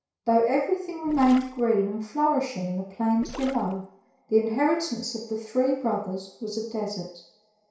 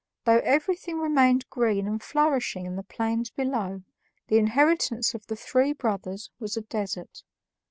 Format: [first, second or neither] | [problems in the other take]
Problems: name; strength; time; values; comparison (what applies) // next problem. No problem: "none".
second | background sound (Gurgling); 16 dB below the speech // room echo; dies away in 0.6 s